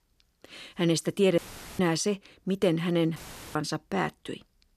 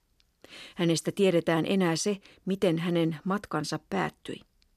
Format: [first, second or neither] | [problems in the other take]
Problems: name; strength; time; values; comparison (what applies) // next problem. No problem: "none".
second | audio cutting out; filled with static; at 1.5 s and at 3 s